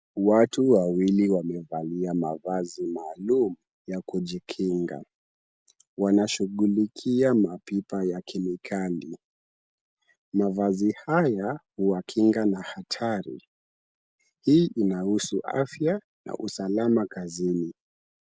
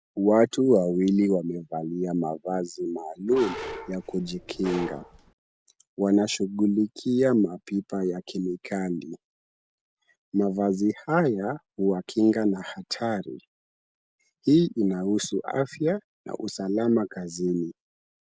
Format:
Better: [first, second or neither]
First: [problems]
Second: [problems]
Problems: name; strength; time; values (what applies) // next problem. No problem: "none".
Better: first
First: none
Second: background sound (Bark); 12 dB below the speech